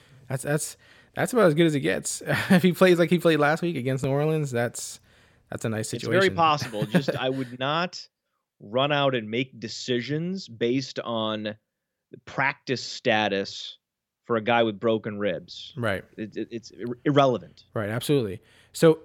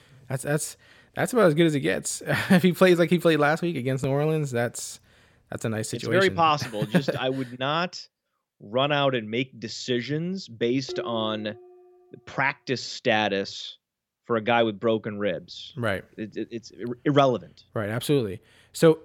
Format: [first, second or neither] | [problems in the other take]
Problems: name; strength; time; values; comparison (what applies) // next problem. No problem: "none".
first | clattering dishes; faint; at 11 s; peak 10 dB below the speech